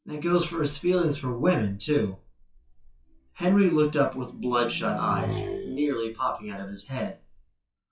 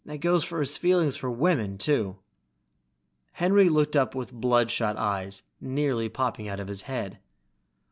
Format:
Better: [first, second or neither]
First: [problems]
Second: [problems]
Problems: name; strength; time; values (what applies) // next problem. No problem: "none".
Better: second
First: noise reduction (classical method WPE with log-MMSE)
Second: none